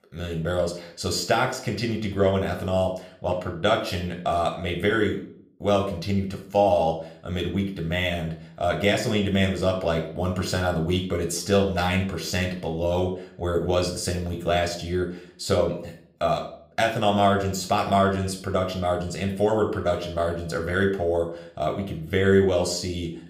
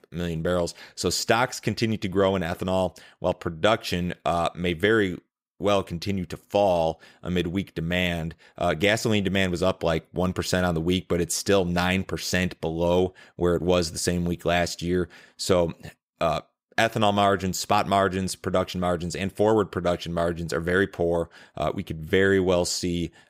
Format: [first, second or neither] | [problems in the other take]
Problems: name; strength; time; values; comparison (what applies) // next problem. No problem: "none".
second | room echo; slight; dies away in 0.4 s // off-mic speech; somewhat distant